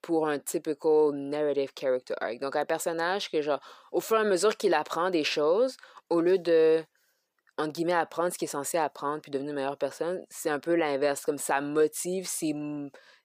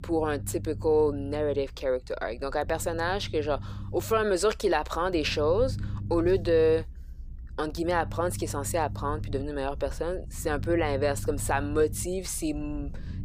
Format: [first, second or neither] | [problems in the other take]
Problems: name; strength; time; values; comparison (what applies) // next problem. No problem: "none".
first | low rumble; faint; throughout; 20 dB below the speech